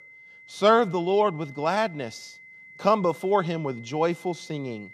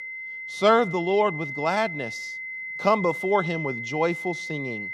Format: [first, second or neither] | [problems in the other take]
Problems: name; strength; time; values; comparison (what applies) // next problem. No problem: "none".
first | high-pitched whine; loud; throughout; 2 kHz, 7 dB below the speech; faint in the first